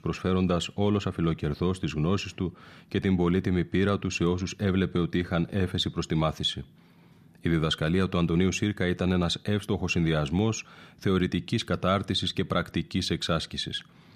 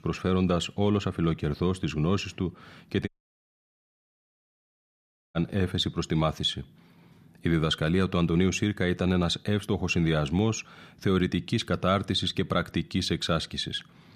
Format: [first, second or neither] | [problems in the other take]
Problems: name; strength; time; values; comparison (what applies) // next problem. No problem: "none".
first | audio cutting out; at 3 s for 2.5 s